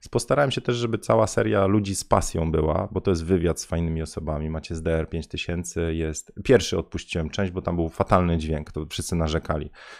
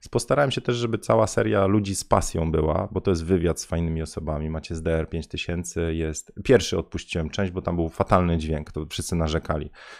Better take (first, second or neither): neither